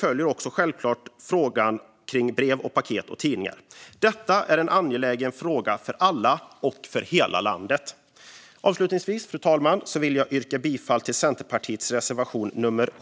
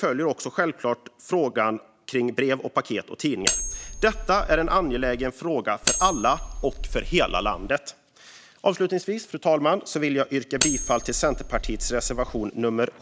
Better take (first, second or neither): first